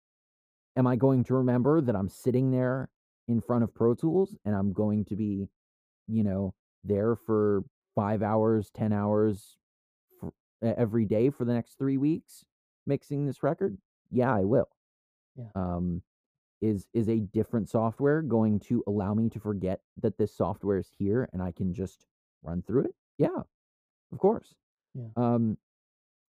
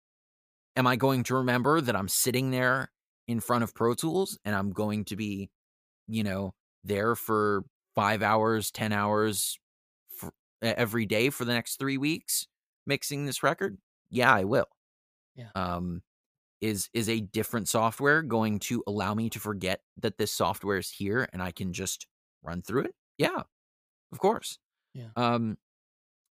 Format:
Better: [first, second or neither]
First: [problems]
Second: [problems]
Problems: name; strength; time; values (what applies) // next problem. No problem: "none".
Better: second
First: muffled; very; fading above 1 kHz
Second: none